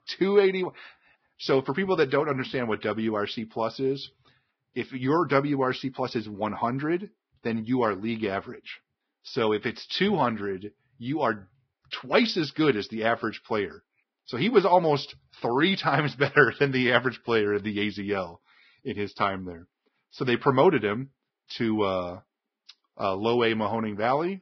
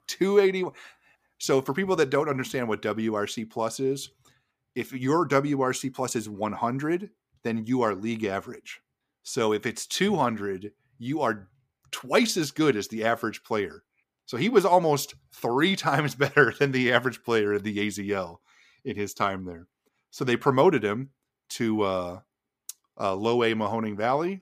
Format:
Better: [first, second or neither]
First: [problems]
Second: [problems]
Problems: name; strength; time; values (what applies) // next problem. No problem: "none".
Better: second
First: garbled, watery; badly; nothing above 5.5 kHz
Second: none